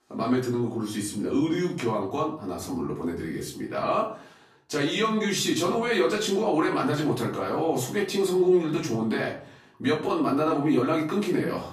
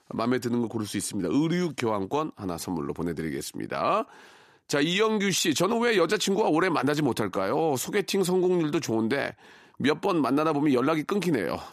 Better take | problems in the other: second | off-mic speech; far // room echo; slight; dies away in 0.4 s

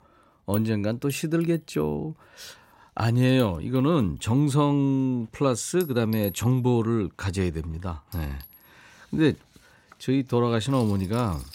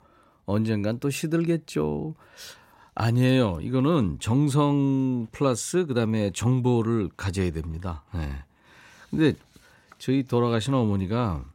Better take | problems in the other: second | household noises; noticeable; throughout; 20 dB below the speech

